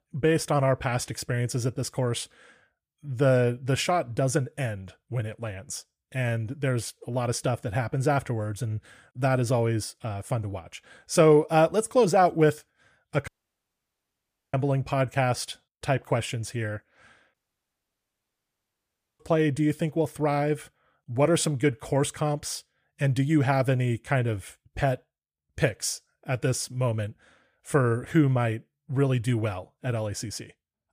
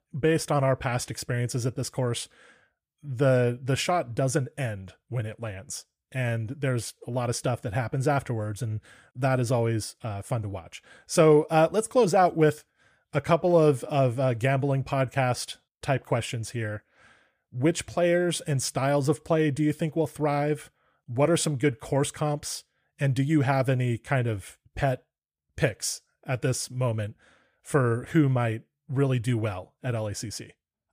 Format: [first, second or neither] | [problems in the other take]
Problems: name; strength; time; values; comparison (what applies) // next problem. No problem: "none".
second | audio cutting out; at 13 s for 1.5 s and at 17 s for 2 s